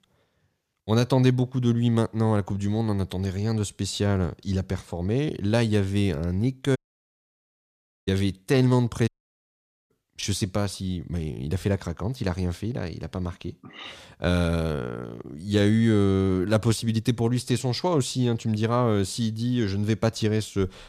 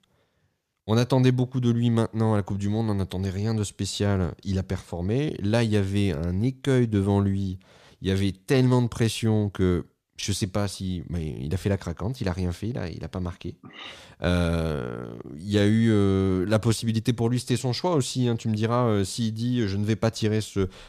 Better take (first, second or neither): second